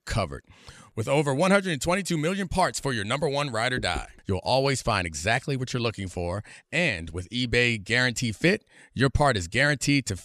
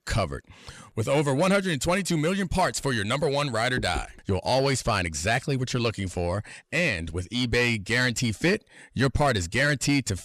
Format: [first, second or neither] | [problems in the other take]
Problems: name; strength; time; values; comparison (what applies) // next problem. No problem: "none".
first | distortion; slight; 10 dB below the speech